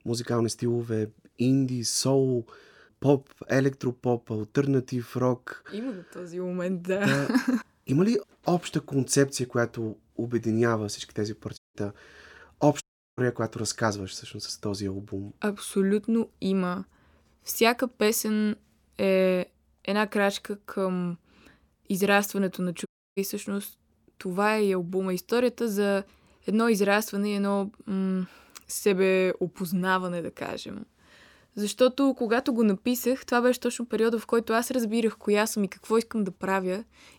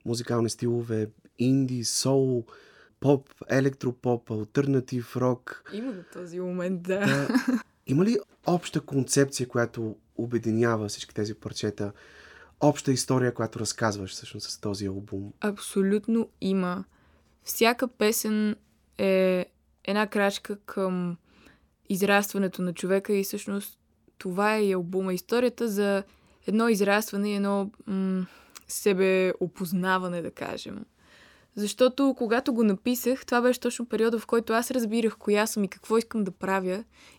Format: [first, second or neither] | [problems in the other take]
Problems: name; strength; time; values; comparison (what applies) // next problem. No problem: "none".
second | audio cutting out; at 12 s, at 13 s and at 23 s